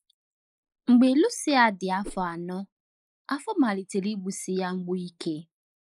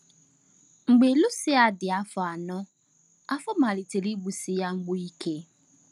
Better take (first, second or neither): second